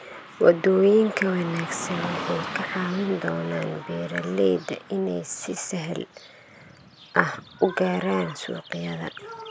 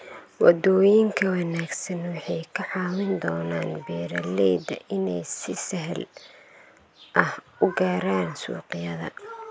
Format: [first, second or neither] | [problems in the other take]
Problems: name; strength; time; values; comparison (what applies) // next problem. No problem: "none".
second | background sound (Car passing by / Traffic noise, roadway noise); 14 dB below the speech